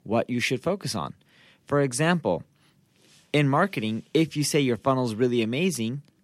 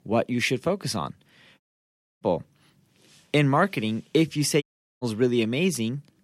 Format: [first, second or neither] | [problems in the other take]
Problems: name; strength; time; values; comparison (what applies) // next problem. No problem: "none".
first | audio cutting out; at 1.5 s for 0.5 s and at 4.5 s